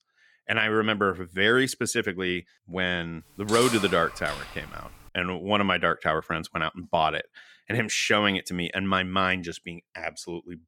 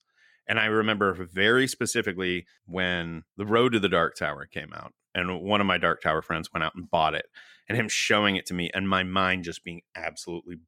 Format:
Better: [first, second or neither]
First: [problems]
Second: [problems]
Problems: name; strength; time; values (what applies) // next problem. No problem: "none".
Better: second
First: clattering dishes; noticeable; from 3.5 to 5 s; peak 4 dB below the speech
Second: none